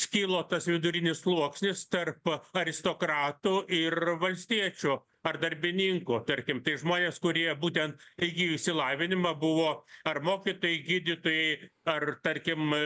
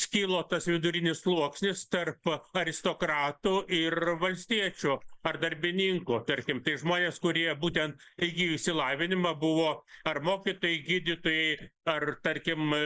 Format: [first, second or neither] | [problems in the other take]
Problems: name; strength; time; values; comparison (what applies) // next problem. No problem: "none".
first | noise reduction (neural mask model Resemble Enhance denoiser)